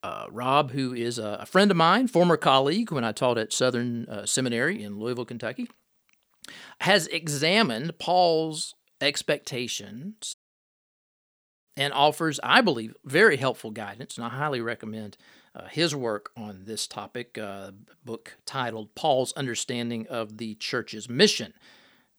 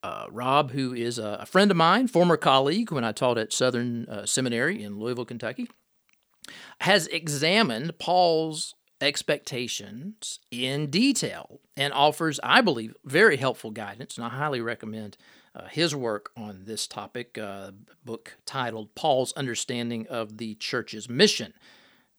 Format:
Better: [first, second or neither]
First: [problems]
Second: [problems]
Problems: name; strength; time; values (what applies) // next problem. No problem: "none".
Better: second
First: audio cutting out; at 10 s for 1.5 s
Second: none